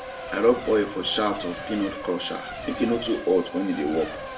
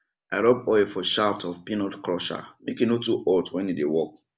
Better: second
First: background sound (Race car, auto racing / Accelerating, revving, vroom / Mechanisms); 10 dB below the speech // room echo; dies away in 0.4 s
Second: none

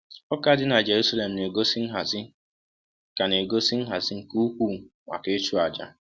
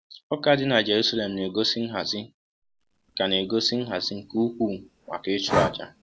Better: first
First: none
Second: background sound (Breathing); 8 dB below the speech

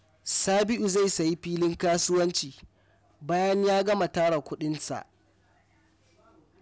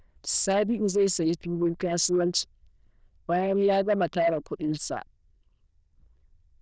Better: first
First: none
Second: noise reduction (neural diffusion model UNIVERSE++)

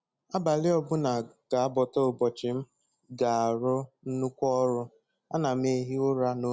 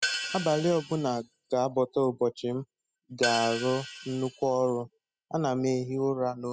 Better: first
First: none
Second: noise reduction (classical method spectral subtraction)

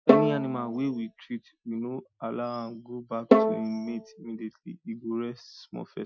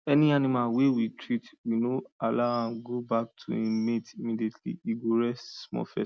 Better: second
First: noise reduction (classical method Wiener filter)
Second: none

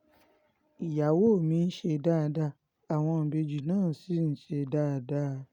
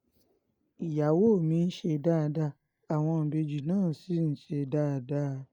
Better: first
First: none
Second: noise reduction (neural mask model Resemble Enhance denoiser)

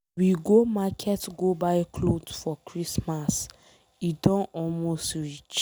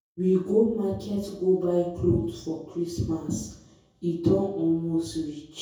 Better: first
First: none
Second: room echo; dies away in 0.6 s

